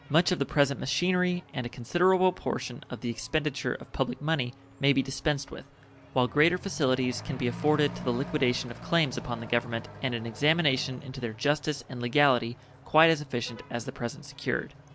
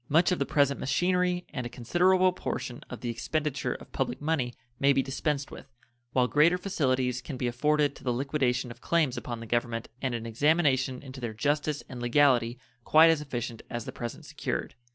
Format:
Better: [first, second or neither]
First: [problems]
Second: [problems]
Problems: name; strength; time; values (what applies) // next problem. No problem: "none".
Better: second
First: background sound (Accelerating, revving, vroom / Truck); 17 dB below the speech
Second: none